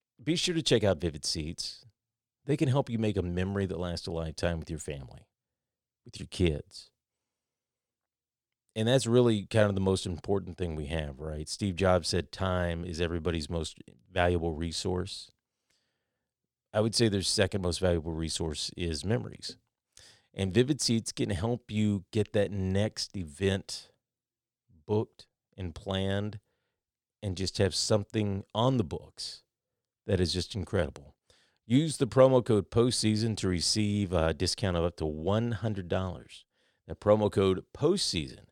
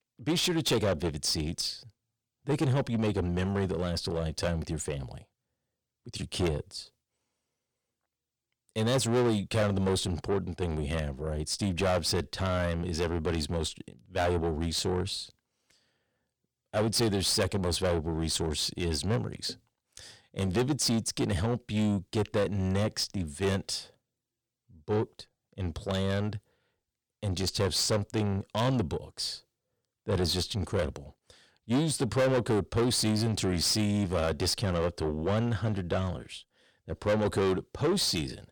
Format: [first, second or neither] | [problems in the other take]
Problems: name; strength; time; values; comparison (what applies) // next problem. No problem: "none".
first | distortion; heavy; 7 dB below the speech